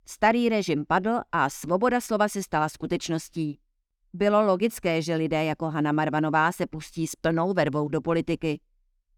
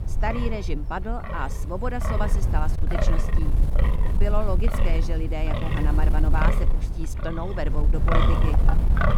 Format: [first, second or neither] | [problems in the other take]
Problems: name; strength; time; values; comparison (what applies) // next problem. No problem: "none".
first | wind noise on the microphone; heavy; 1 dB below the speech